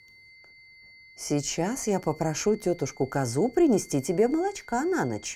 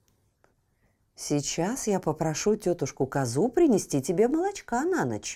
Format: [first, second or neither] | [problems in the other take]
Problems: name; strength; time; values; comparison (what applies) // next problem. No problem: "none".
second | high-pitched whine; faint; throughout; 2 kHz, 25 dB below the speech